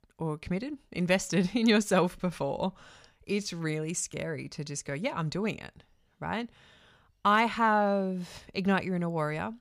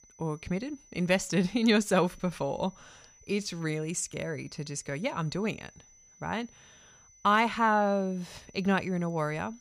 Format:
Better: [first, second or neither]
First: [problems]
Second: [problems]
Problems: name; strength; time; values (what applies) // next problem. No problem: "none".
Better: first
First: none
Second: high-pitched whine; faint; throughout; 6 kHz, 25 dB below the speech